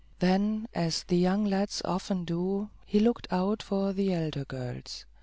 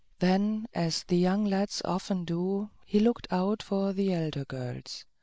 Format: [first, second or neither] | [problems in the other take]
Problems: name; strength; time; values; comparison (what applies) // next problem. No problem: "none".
first | noise reduction (neural mask model Resemble Enhance denoiser)